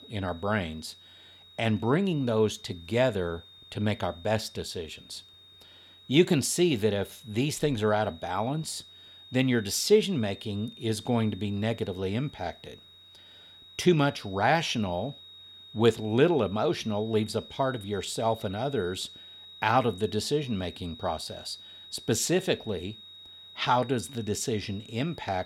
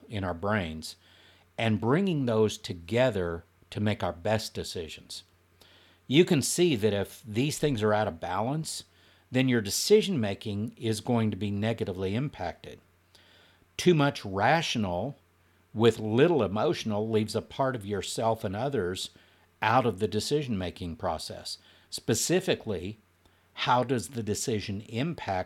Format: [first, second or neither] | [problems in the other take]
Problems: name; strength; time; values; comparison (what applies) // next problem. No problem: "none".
second | high-pitched whine; noticeable; throughout; 4 kHz, 20 dB below the speech